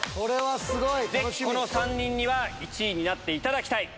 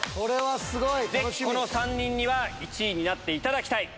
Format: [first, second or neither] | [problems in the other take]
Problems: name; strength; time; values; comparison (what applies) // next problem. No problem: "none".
second | background sound (Bowed string instrument); 11 dB below the speech